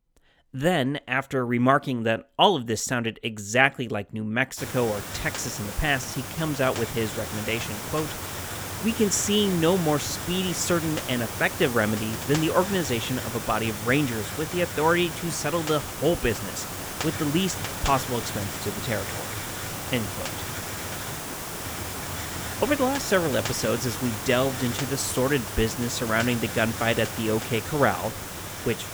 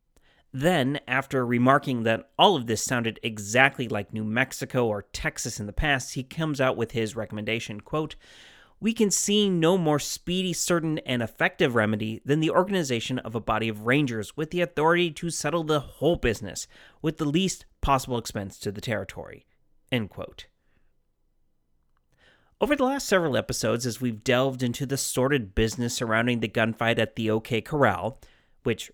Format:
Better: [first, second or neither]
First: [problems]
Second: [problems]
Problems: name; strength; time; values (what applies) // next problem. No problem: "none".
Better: second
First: hiss; loud; from 4.5 s on; 6 dB below the speech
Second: none